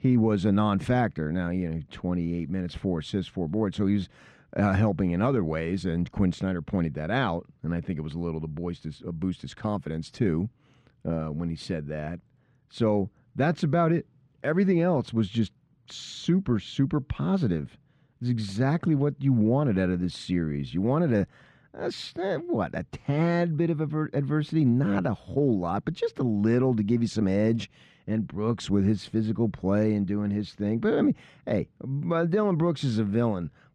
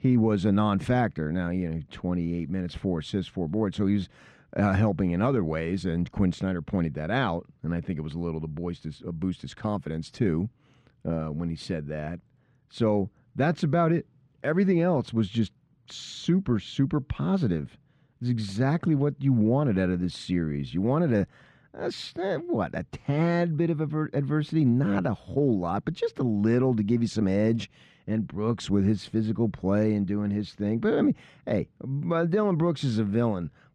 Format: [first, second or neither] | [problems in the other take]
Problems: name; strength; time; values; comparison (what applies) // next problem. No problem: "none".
neither | muffled; slightly; fading above 3 kHz; the same in both